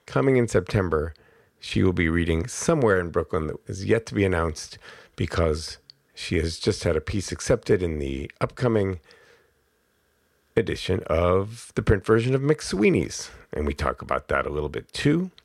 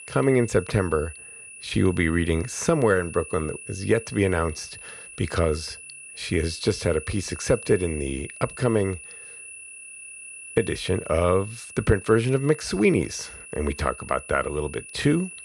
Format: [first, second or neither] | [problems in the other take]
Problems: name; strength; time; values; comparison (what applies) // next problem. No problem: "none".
first | high-pitched whine; noticeable; throughout; 2.5 kHz, 15 dB below the speech